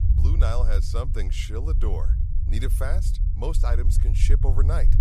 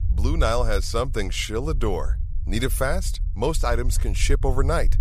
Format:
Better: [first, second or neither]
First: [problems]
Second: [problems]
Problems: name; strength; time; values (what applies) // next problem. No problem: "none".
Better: second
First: low rumble; loud; throughout; 7 dB below the speech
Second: low rumble; faint; throughout; 20 dB below the speech